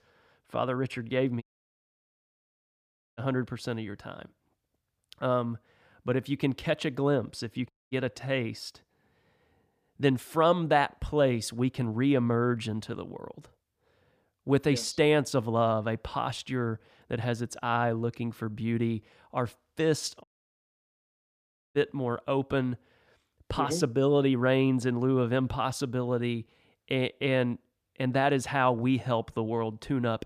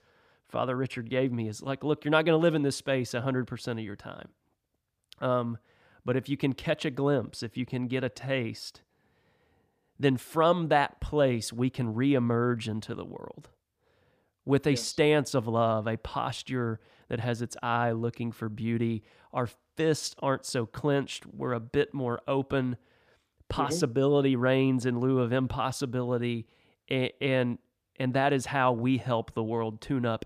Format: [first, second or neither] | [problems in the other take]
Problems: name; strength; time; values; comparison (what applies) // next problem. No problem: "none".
second | audio cutting out; at 1.5 s for 2 s, at 7.5 s and at 20 s for 1.5 s